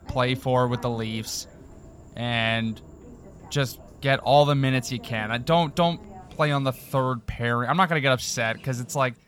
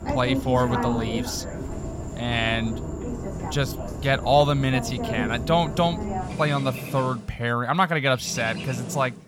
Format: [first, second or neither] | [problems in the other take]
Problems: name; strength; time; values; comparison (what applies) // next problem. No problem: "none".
first | animal sounds; loud; throughout; 7 dB below the speech; faint in the first